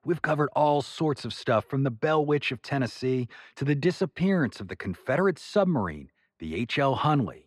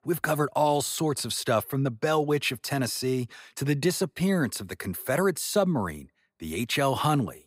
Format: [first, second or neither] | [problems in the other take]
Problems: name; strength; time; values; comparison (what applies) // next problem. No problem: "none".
second | muffled; slightly; fading above 3 kHz